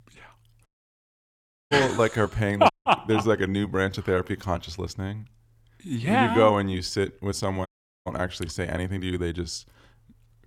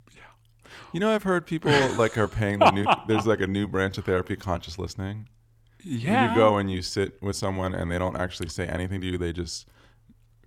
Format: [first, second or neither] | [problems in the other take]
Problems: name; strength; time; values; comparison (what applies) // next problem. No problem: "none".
second | audio cutting out; at 0.5 s for 1 s, at 2.5 s and at 7.5 s